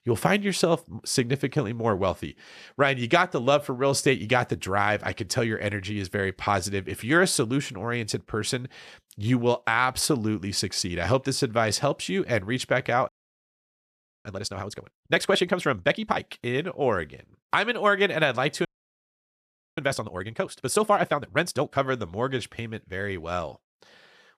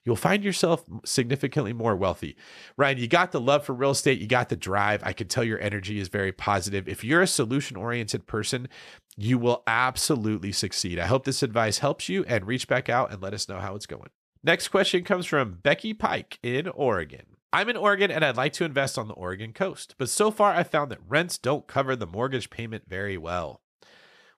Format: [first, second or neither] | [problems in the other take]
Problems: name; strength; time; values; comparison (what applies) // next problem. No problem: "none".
second | audio freezing; at 13 s for 1 s and at 19 s for 1 s